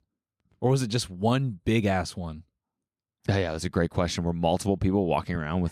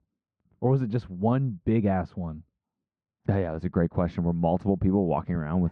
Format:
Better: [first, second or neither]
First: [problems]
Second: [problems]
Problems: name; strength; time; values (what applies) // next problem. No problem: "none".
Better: first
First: none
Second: muffled; very; fading above 1.5 kHz